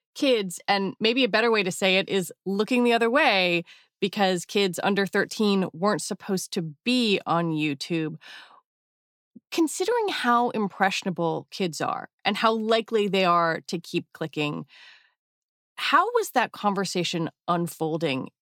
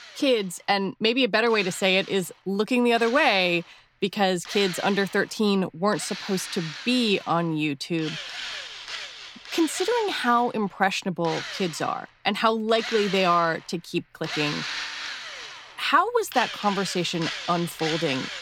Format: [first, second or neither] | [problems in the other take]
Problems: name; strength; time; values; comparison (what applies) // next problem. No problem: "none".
first | machinery noise; loud; throughout; 10 dB below the speech